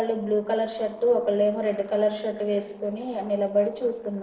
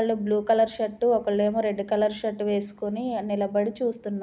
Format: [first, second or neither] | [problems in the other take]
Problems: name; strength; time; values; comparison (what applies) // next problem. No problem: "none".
second | noise reduction (neural separator model SepFormer DNS4)